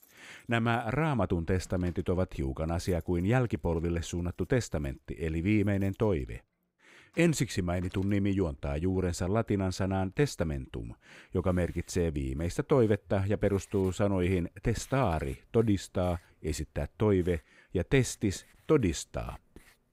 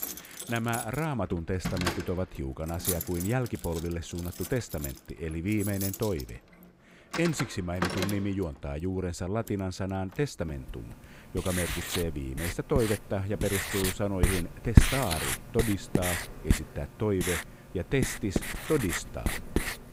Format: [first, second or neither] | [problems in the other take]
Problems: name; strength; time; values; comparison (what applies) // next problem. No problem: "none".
first | household noises; loud; throughout; as loud as the speech; faint in the first